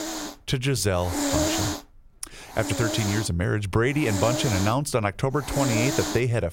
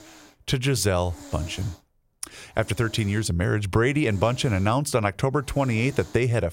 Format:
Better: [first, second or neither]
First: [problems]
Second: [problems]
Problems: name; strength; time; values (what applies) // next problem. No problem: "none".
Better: second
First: hiss; loud; throughout; 3 dB below the speech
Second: hiss; faint; throughout; 20 dB below the speech